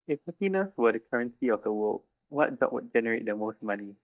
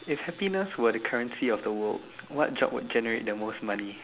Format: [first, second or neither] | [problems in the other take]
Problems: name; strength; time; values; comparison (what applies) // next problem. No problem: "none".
second | noise reduction (neural mask model DeepFilterNet 3)